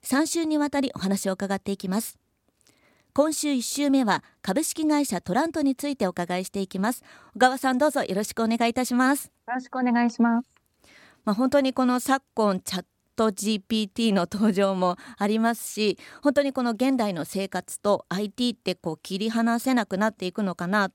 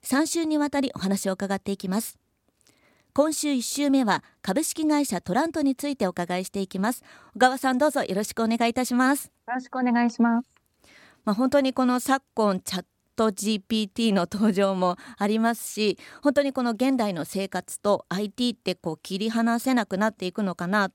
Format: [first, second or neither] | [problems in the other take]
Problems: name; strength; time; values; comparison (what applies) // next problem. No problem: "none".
neither | none